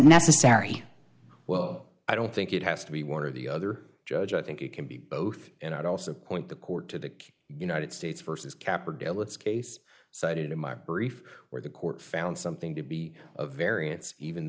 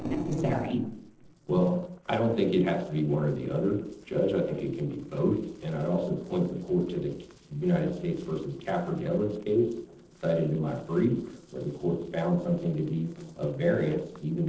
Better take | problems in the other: first | noise reduction (neural separator model SepFormer DNS4)

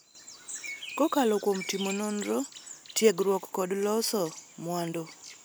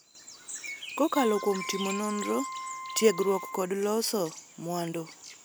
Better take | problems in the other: first | background sound (Wind instrument, woodwind instrument); 10 dB below the speech

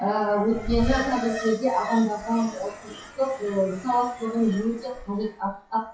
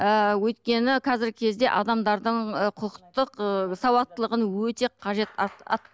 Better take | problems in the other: second | noise reduction (classical method WPE with log-MMSE)

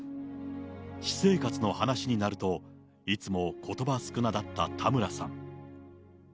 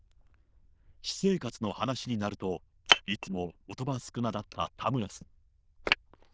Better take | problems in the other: first | noise reduction (neural diffusion model UNIVERSE++)

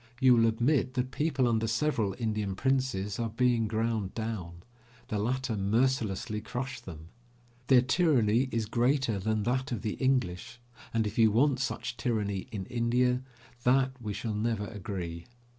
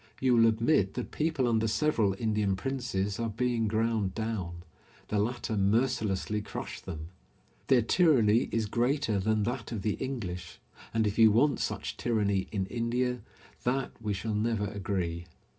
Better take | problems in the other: first | room echo; dies away in 0.3 s

